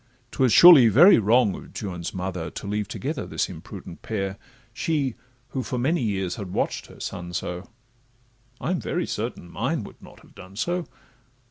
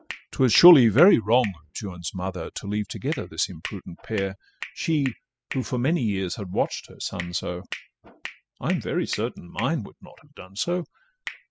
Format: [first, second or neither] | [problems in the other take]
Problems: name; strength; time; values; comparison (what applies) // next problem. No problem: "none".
first | noise reduction (classical method spectral subtraction)